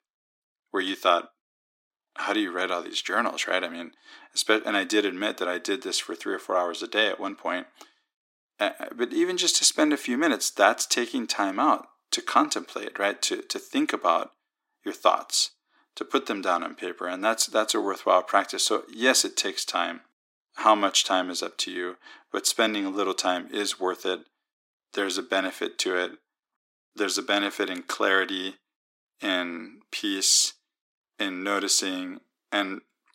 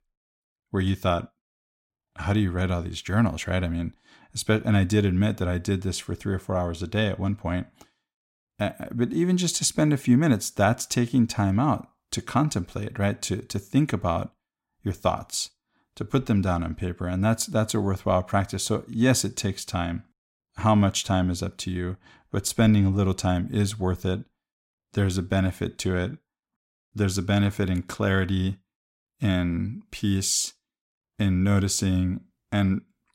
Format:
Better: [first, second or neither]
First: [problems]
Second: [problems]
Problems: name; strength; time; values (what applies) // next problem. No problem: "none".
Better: second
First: thin; very; fading below 300 Hz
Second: none